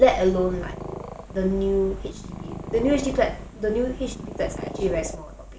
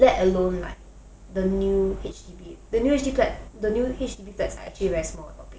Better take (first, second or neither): second